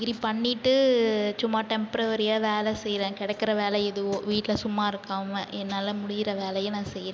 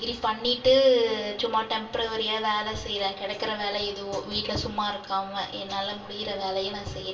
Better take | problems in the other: first | room echo; dies away in 0.3 s

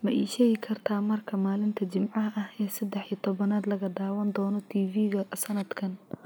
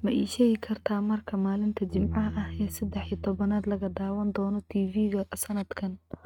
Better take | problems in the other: first | noise reduction (neural mask model RNNoise)

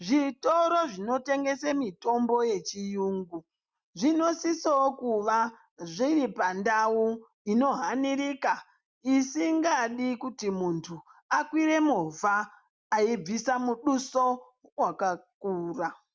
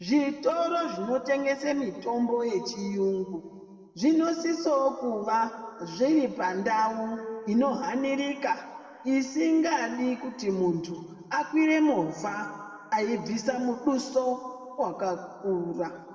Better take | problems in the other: first | room echo; dies away in 1.4 s

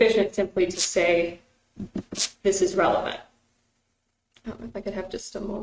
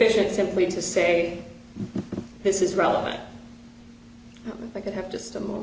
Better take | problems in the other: second | noise reduction (neural mask model RNNoise)

